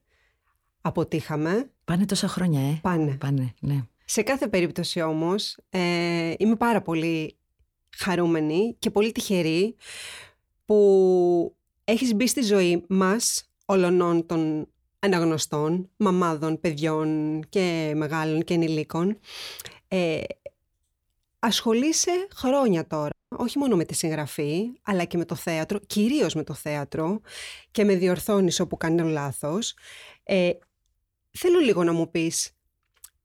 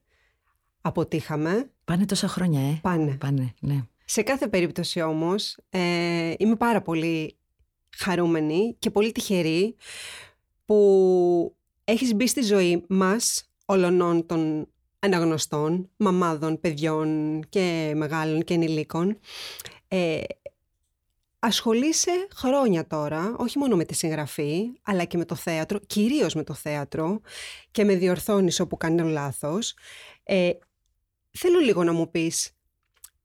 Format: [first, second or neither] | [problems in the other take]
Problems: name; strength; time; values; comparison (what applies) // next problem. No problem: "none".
second | audio cutting out; at 23 s